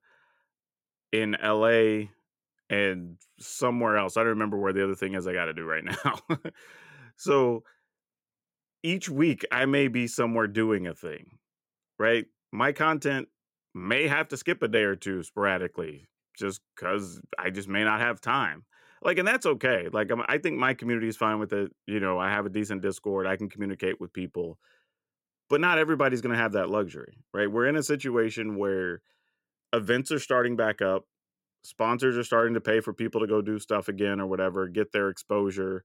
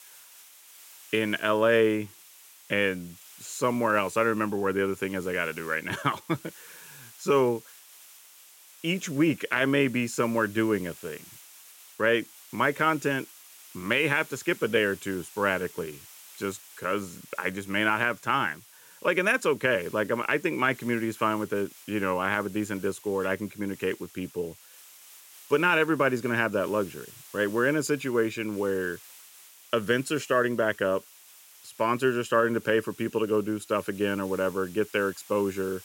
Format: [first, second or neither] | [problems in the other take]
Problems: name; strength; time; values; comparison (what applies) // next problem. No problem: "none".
first | hiss; faint; throughout; 20 dB below the speech